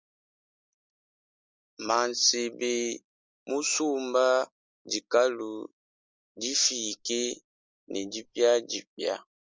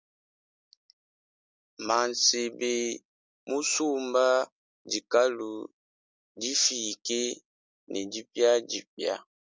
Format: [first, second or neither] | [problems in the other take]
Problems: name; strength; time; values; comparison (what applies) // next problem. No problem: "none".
second | noise reduction (neural mask model Resemble Enhance denoiser)